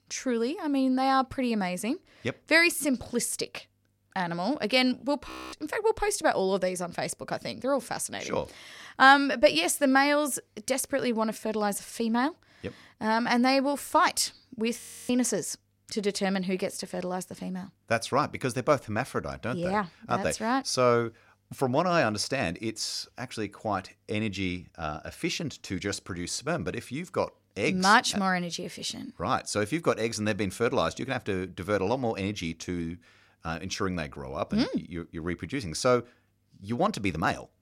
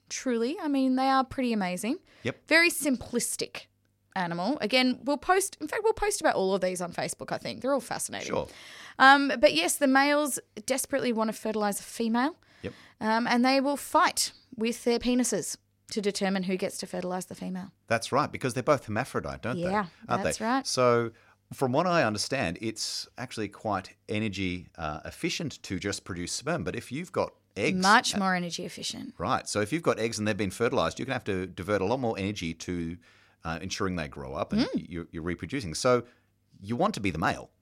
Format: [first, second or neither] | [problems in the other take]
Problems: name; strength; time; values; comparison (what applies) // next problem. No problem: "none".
second | audio freezing; at 5.5 s and at 15 s